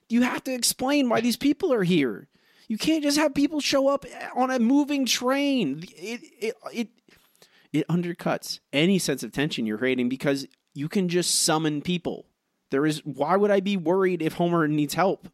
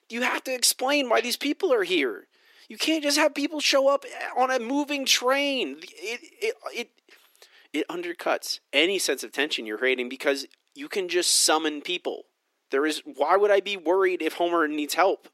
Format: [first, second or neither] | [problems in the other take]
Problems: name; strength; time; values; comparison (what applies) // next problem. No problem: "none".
first | thin; somewhat; fading below 350 Hz